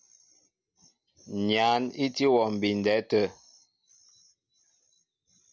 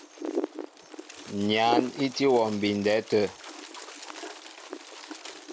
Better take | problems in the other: first | background sound (Wind); 8 dB below the speech

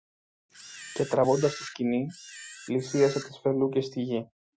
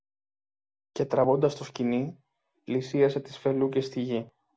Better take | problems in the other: second | noise reduction (classical method Wiener filter)

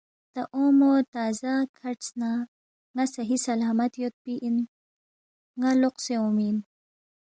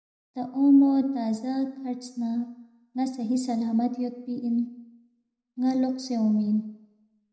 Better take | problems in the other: first | room echo; dies away in 0.8 s

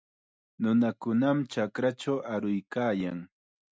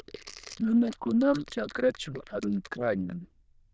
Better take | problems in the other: first | noise reduction (neural diffusion model UNIVERSE++)

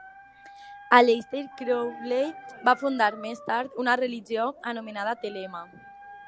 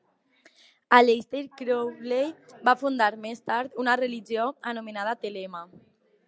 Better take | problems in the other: second | background sound (Dog); 19 dB below the speech

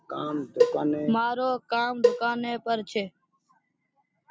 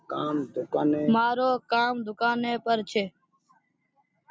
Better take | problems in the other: second | background sound (Cowbell); 1 dB above the speech

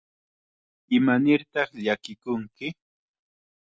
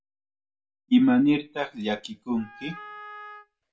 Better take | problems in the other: first | background sound (Wind instrument, woodwind instrument); 17 dB below the speech // room echo; dies away in 0.2 s

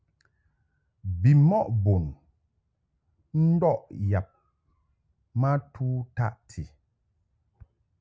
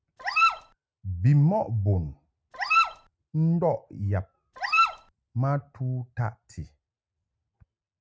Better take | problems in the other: first | noise reduction (neural mask model RNNoise)

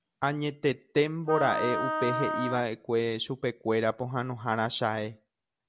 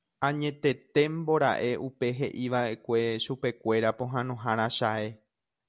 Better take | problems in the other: second | background sound (Wind instrument, woodwind instrument); 3 dB below the speech

